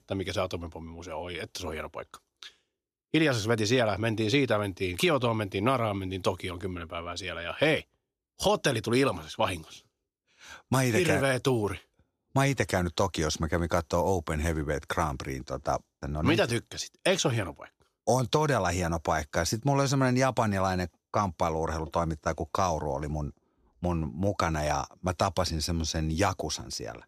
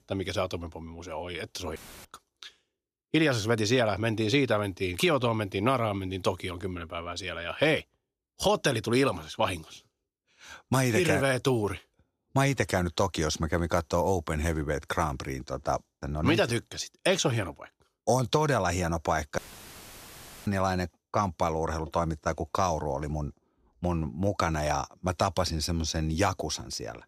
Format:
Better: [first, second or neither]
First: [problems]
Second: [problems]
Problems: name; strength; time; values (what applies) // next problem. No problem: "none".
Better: first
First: none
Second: audio cutting out; filled with static; at 2 s and at 19 s for 1 s